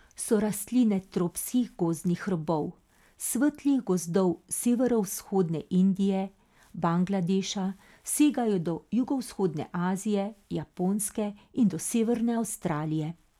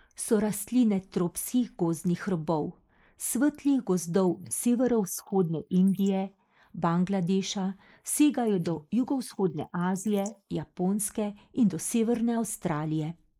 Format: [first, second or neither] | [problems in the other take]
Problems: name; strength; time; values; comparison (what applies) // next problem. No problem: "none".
first | noise reduction (neural mask model Resemble Enhance denoiser)